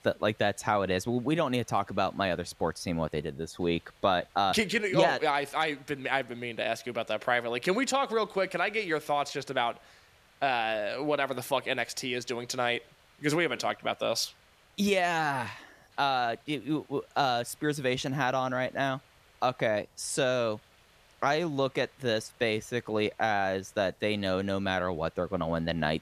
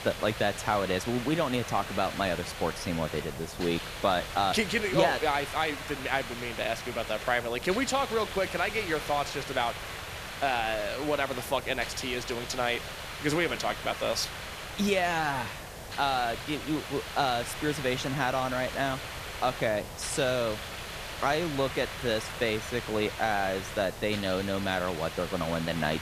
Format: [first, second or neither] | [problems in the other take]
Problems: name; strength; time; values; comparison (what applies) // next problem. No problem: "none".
first | hiss; loud; throughout; 8 dB below the speech; faint in the first